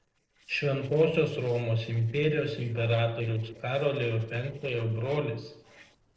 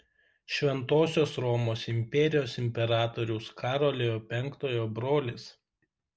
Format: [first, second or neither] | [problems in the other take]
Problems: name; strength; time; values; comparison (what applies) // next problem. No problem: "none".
second | noise reduction (neural separator model SepFormer DNS4)